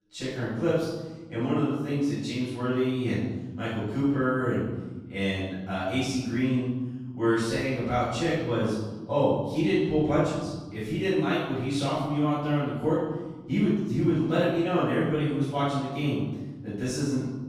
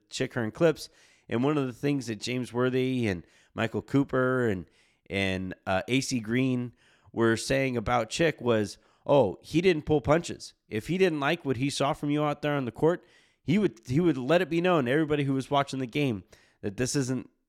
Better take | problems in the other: second | off-mic speech; far // room echo; strong; dies away in 1.3 s

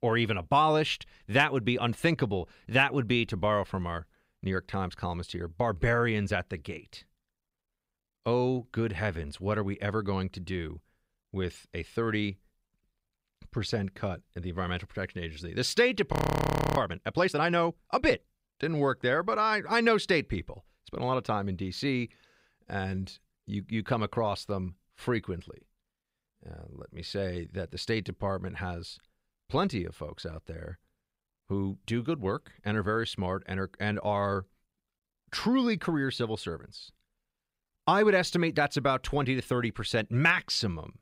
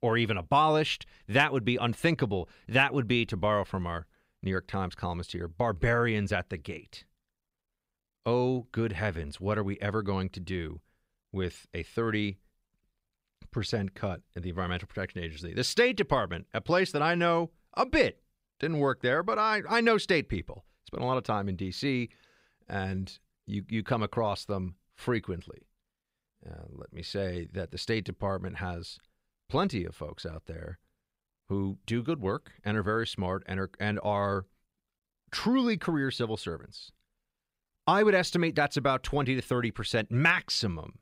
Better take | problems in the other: second | audio freezing; at 16 s for 0.5 s

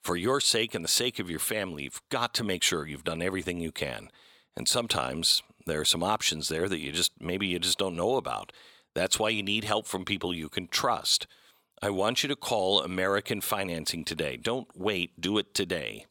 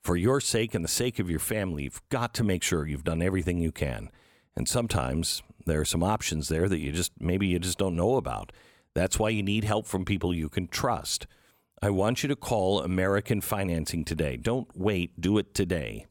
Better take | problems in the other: second | thin; very slightly; fading below 450 Hz

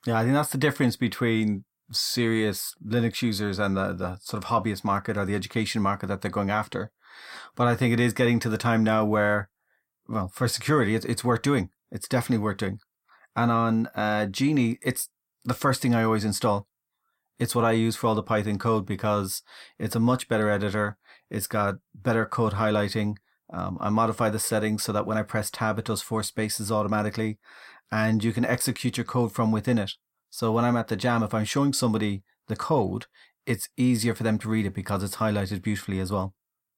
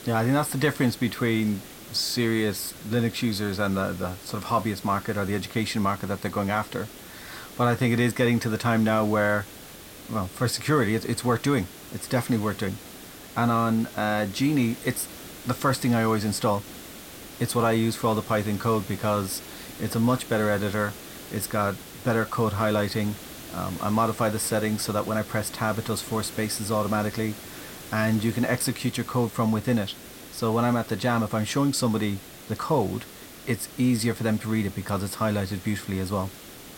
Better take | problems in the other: first | hiss; noticeable; throughout; 15 dB below the speech

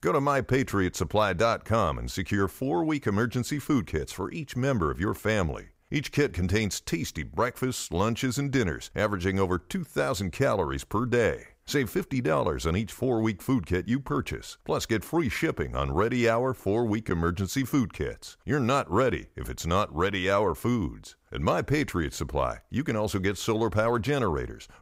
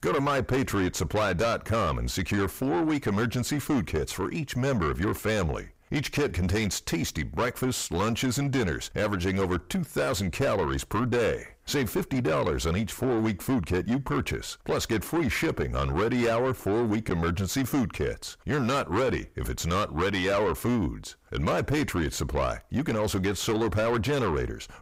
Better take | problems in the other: first | distortion; heavy; 7 dB below the speech

